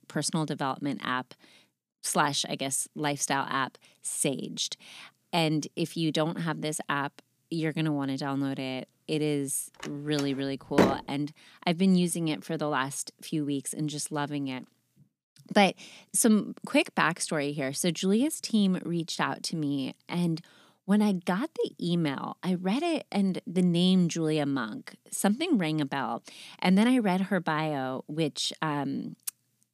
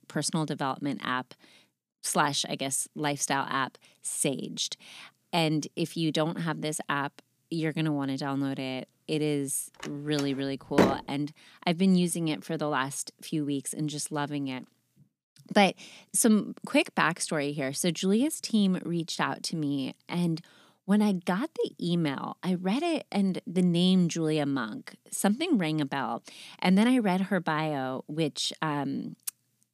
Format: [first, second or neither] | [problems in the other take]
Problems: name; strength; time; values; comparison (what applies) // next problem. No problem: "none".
neither | door banging; loud; from 10 to 11 s; peak 4 dB above the speech; the same in both